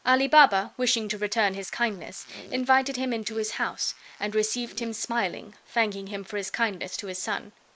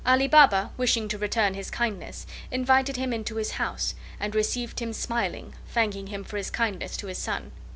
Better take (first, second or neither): second